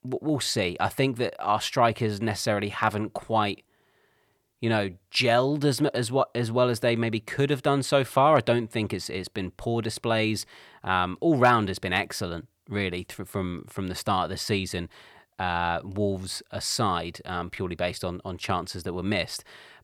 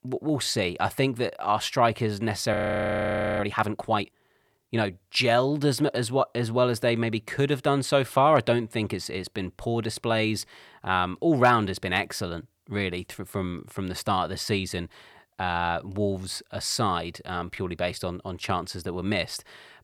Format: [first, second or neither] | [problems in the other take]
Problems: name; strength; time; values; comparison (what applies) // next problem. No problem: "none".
first | audio freezing; at 2.5 s for 1 s